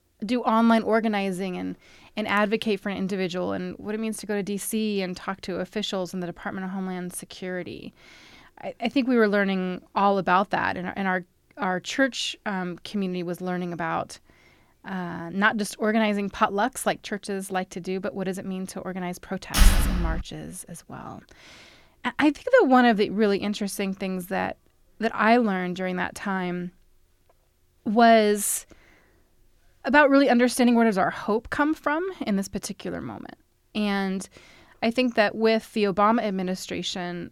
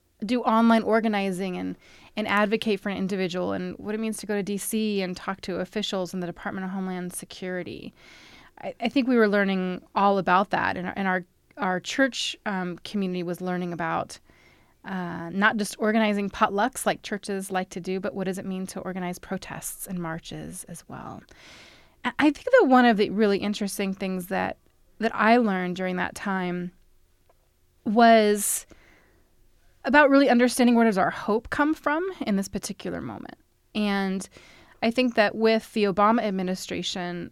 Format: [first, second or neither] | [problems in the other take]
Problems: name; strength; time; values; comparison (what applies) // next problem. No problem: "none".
second | door banging; loud; at 20 s; peak 4 dB above the speech